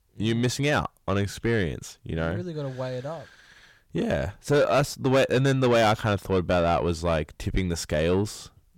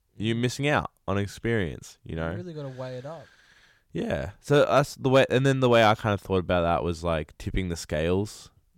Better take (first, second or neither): second